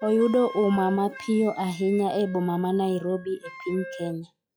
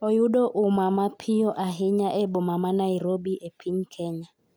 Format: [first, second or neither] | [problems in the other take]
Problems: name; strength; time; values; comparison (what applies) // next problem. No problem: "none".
second | noise reduction (classical method log-MMSE)